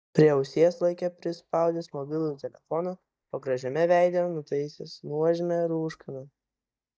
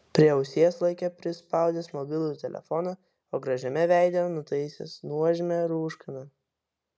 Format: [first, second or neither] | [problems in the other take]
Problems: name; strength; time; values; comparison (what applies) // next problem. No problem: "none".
second | noise reduction (neural mask model DeepFilterNet 3)